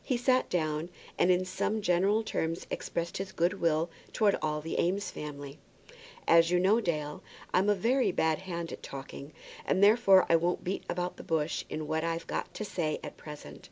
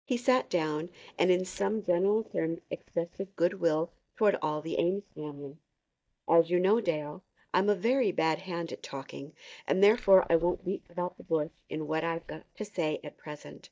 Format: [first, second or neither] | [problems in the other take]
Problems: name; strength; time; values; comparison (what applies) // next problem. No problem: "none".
first | noise reduction (neural mask model DeepFilterNet 3)